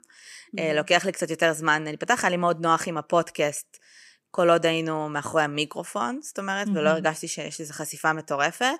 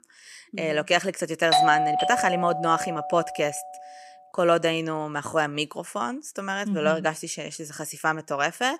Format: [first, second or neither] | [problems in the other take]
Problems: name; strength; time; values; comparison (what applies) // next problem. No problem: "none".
first | doorbell; loud; from 1.5 to 3.5 s; peak 6 dB above the speech